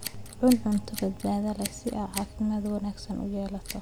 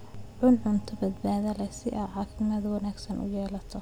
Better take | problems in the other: second | background sound (Scissors); 15 dB below the speech

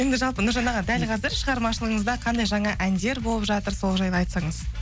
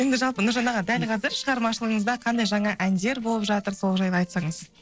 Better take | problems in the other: first | noise reduction (neural separator model SepFormer DNS4)

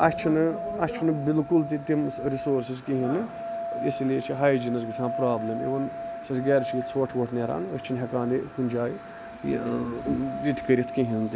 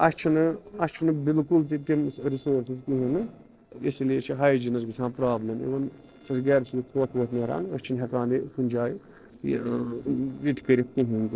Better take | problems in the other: first | noise reduction (neural separator model SepFormer DNS4)

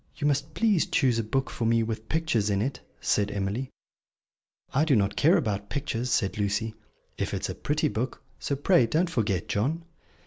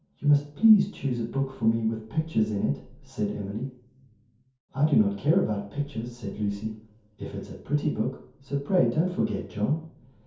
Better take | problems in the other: first | room echo; dies away in 0.6 s

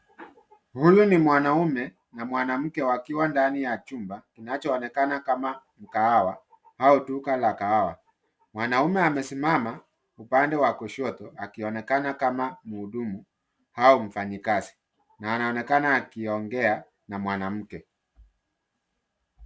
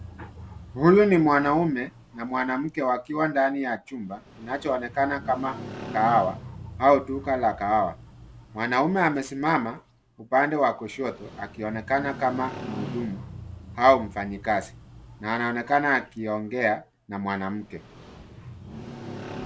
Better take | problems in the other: first | background sound (Motorcycle); 16 dB below the speech

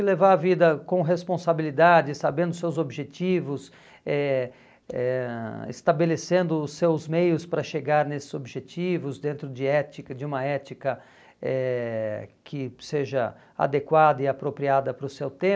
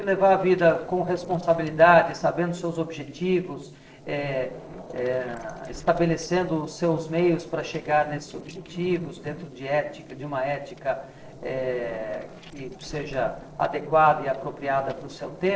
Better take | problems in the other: first | noise reduction (neural separator model SepFormer DNS4)

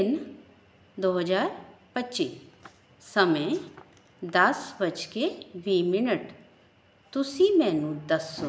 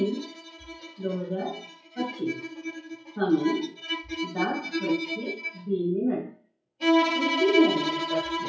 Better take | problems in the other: first | noise reduction (classical method WPE with log-MMSE)

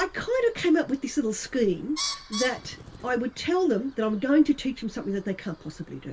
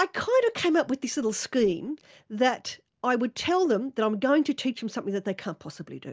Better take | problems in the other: second | background sound (Bird); 15 dB below the speech // room echo; dies away in 0.1 s

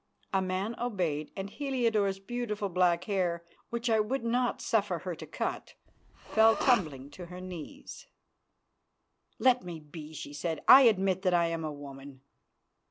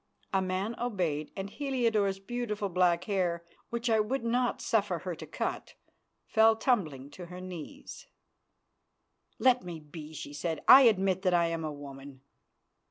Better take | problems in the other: second | background sound (Respiratory sounds); 8 dB below the speech

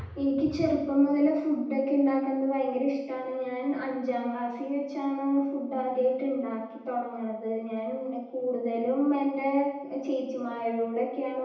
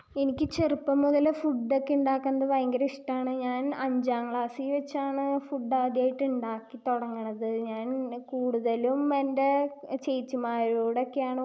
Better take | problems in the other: second | room echo; dies away in 0.9 s

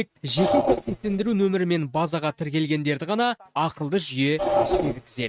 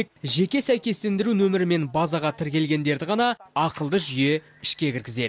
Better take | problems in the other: second | noise reduction (neural mask model RNNoise)

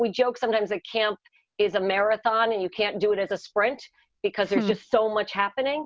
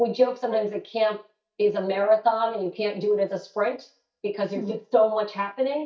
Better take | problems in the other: first | noise reduction (neural mask model DeepFilterNet 3)

